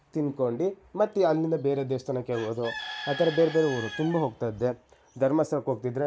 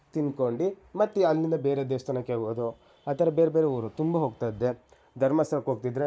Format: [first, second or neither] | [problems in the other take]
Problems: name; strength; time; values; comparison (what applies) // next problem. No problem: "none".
second | background sound (Bird / Chicken, rooster); 14 dB below the speech